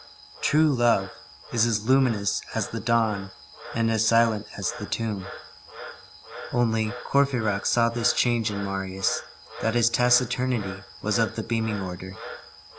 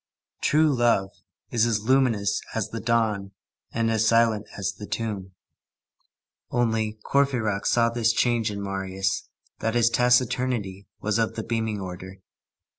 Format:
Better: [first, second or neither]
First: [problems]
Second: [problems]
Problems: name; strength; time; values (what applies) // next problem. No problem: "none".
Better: second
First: background sound (Frog); 14 dB below the speech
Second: none